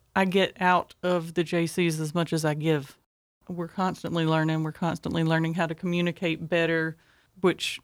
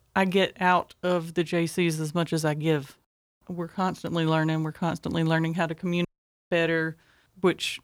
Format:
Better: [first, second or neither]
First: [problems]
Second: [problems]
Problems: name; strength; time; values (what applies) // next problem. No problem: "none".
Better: first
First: none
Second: audio cutting out; at 6 s